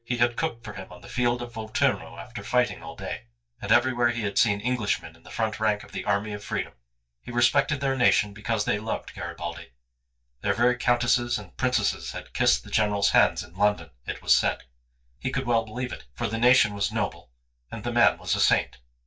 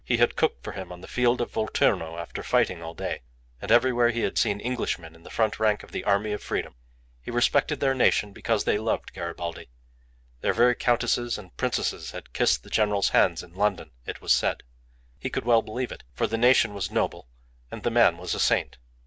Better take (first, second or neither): second